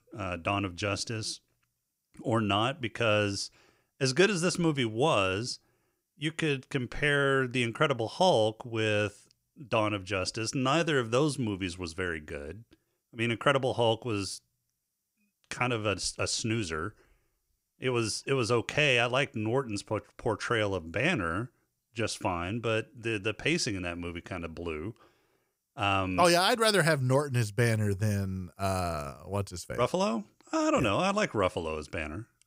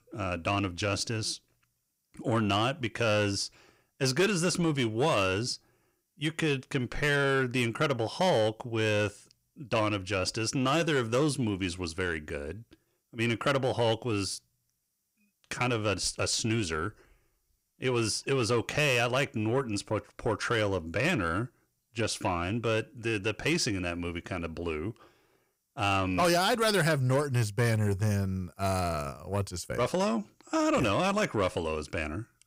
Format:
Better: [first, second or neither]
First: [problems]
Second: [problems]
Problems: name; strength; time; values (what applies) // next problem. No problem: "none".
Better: first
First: none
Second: distortion; slight; 10 dB below the speech